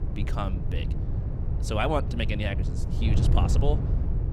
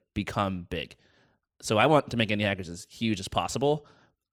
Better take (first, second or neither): second